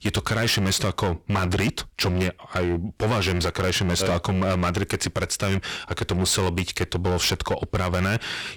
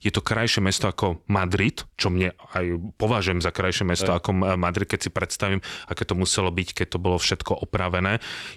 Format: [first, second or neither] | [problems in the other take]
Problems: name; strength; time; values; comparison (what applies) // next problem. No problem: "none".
second | distortion; heavy; 16% of the sound clipped